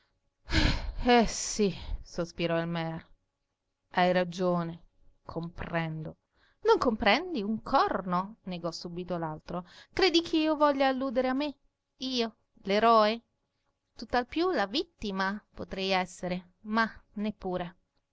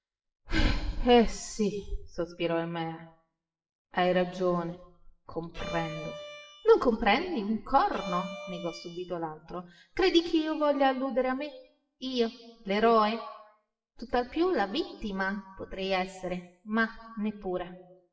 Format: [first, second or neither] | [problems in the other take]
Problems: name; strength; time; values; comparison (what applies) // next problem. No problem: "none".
first | noise reduction (classical method WPE with log-MMSE)